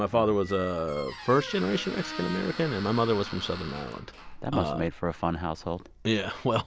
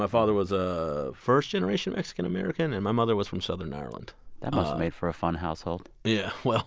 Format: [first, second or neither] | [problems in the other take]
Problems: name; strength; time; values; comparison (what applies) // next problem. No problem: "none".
second | background sound (Squeak); 14 dB below the speech